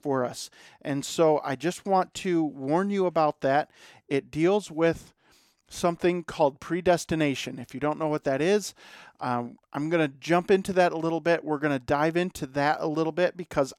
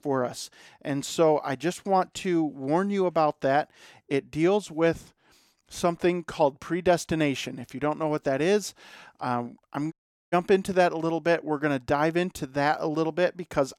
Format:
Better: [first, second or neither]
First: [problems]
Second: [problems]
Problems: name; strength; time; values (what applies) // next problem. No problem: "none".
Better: first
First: none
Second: audio cutting out; at 10 s